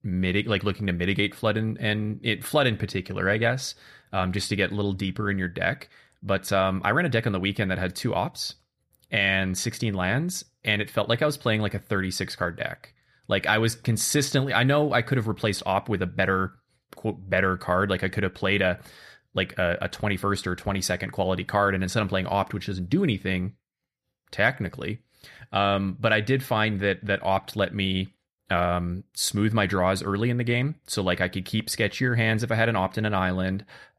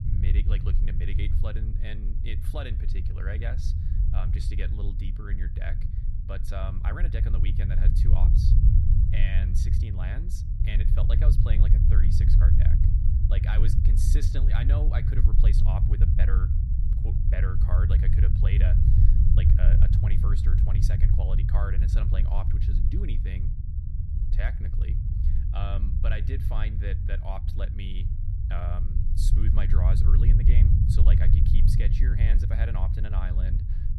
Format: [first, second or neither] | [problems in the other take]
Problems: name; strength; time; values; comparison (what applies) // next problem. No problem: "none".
first | low rumble; loud; throughout; 1 dB below the speech